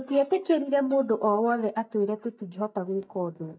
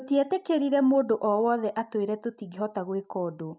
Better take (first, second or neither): second